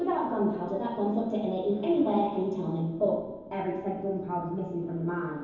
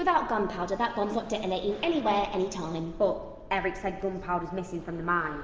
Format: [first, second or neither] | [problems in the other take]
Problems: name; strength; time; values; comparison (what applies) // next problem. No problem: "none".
second | room echo; dies away in 0.9 s